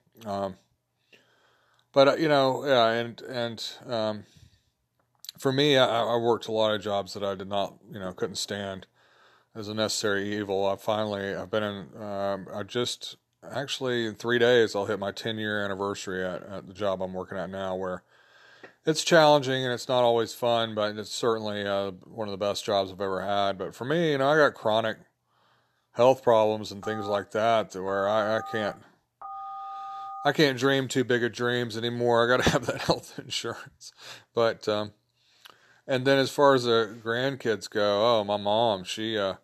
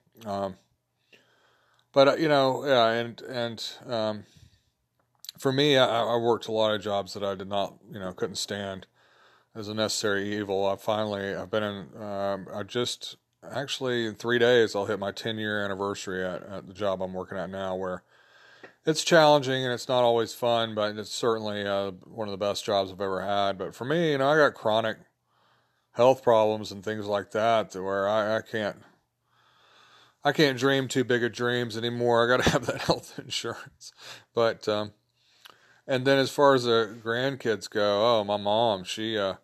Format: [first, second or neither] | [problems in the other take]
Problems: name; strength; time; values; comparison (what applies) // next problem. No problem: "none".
second | phone ringing; faint; from 27 to 30 s; peak 10 dB below the speech